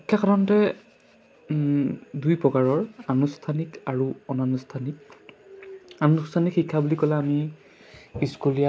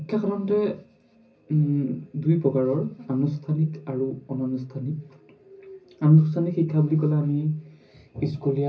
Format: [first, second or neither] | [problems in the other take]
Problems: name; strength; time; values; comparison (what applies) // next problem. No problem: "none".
first | room echo; dies away in 0.4 s